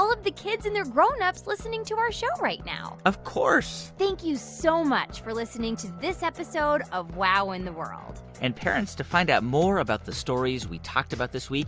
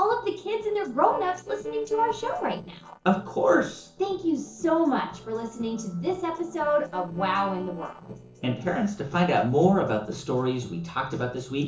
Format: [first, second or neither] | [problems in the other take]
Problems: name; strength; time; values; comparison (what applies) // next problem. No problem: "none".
first | noise reduction (neural separator model SepFormer DNS4)